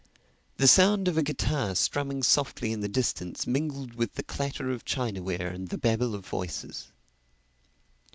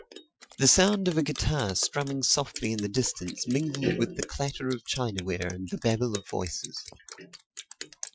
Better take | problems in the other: first | noise reduction (classical method Wiener filter)

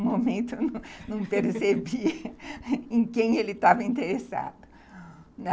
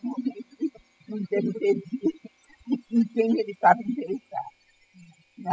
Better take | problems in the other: first | noise reduction (classical method spectral subtraction)

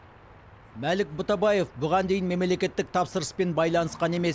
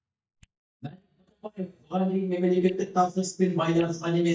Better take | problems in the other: first | noise reduction (neural mask model DeepFilterNet 3)

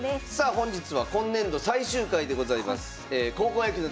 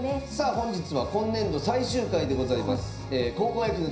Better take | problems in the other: first | background sound (Bowed string instrument); 11 dB below the speech // room echo; dies away in 0.5 s

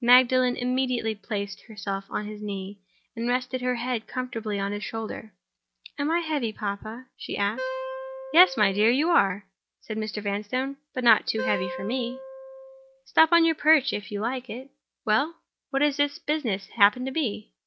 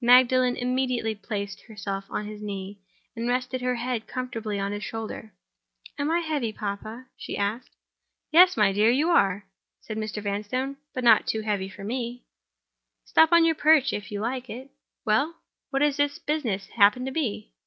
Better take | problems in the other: second | background sound (Wind instrument, woodwind instrument); 10 dB below the speech

